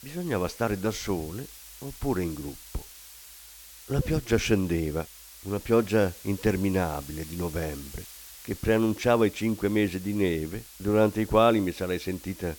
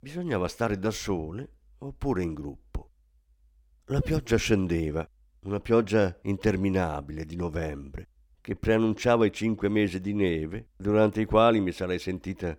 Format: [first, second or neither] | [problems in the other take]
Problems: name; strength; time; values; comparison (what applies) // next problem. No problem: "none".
second | hiss; noticeable; throughout; 15 dB below the speech